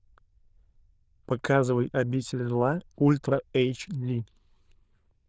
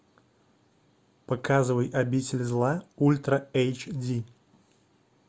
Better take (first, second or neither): second